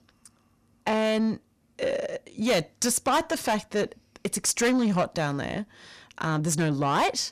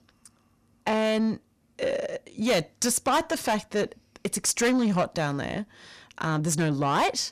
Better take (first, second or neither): neither